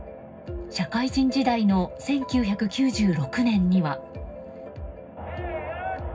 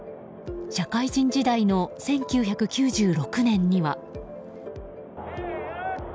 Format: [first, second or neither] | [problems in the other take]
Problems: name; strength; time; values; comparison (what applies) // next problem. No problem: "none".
second | room echo; dies away in 0.4 s